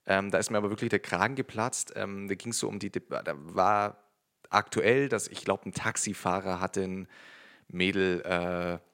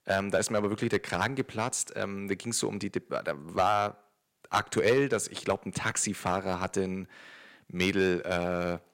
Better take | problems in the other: first | distortion; slight; 1.5% of the sound clipped

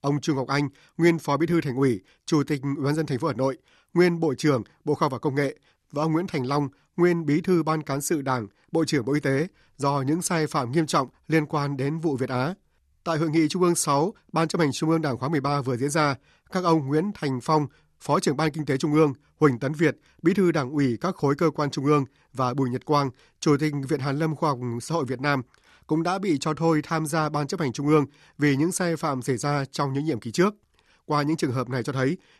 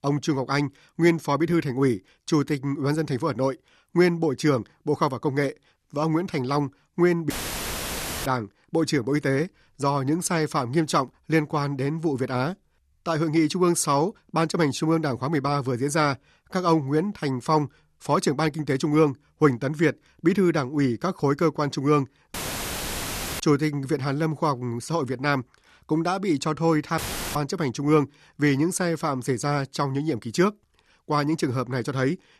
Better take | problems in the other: first | audio cutting out; filled with static; at 7.5 s for 1 s, at 22 s for 1 s and at 27 s

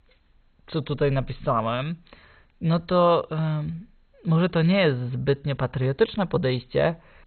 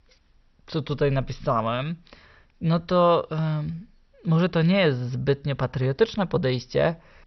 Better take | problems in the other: second | garbled, watery; badly; nothing above 4 kHz; slightly in the second

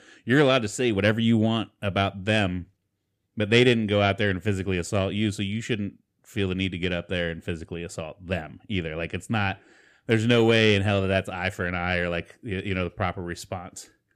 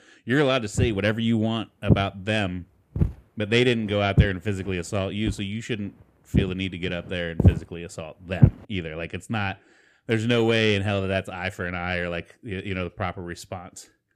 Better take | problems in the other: first | footsteps; loud; from 1 to 8.5 s; peak 6 dB above the speech

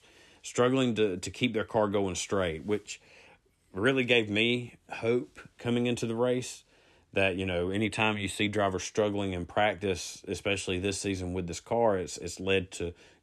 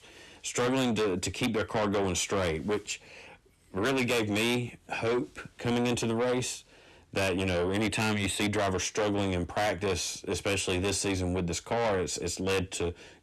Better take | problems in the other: first | distortion; heavy; 6 dB below the speech

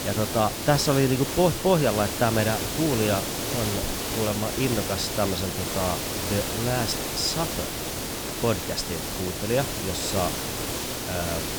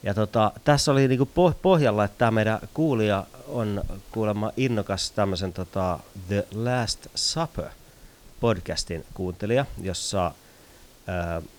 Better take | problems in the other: second | hiss; loud; throughout; 2 dB below the speech; faint in the second

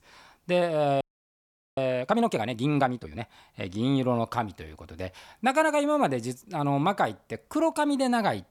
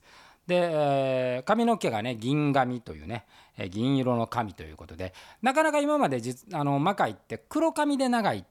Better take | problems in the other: second | audio freezing; at 1 s for 1 s

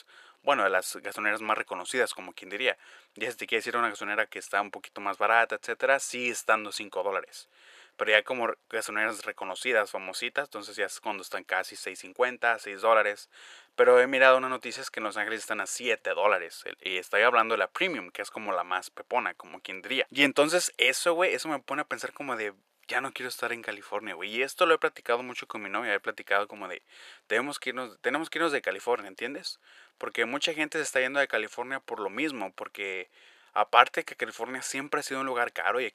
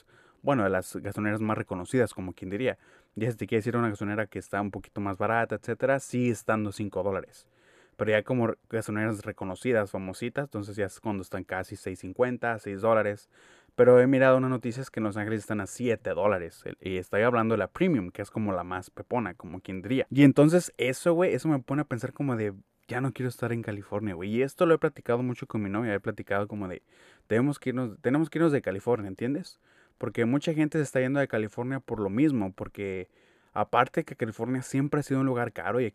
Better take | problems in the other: second | thin; very; fading below 700 Hz

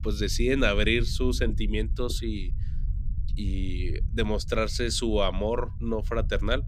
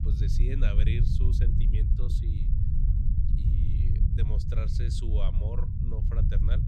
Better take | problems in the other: first | low rumble; loud; throughout; as loud as the speech; faint in the first

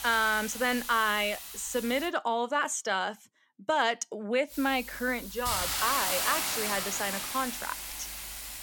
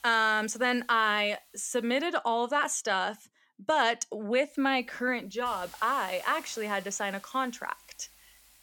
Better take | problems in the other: second | hiss; loud; until 2 s and from 4.5 s on; 3 dB below the speech; faint in the second

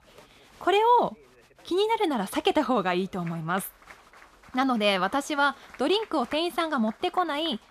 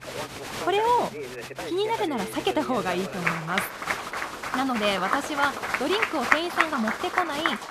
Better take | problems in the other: first | crowd noise; loud; throughout; 2 dB below the speech; faint in the first

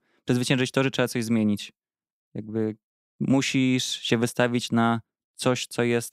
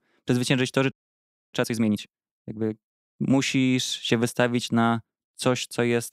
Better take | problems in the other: first | audio freezing; at 1 s for 0.5 s

